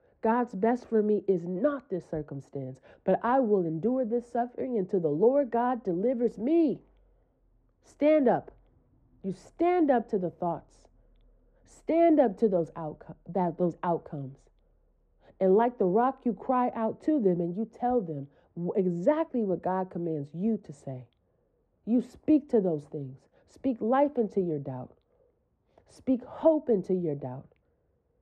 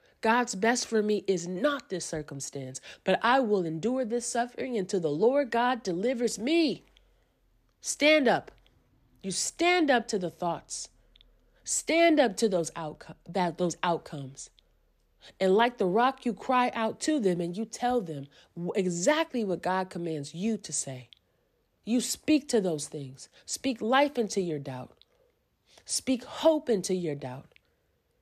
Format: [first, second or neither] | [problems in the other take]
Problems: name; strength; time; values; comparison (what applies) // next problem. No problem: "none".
second | muffled; very; fading above 2 kHz